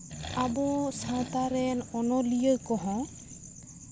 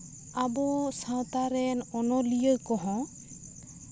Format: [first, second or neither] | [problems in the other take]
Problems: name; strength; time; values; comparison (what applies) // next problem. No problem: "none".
second | background sound (Accelerating, revving, vroom); 13 dB below the speech